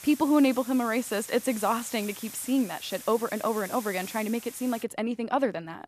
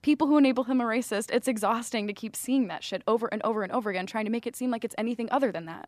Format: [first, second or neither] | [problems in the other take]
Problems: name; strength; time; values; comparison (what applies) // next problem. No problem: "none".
second | hiss; noticeable; until 5 s; 15 dB below the speech